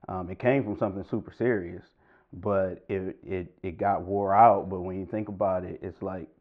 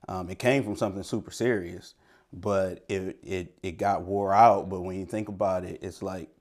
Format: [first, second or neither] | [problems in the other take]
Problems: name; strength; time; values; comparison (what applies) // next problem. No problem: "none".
second | muffled; very; fading above 2 kHz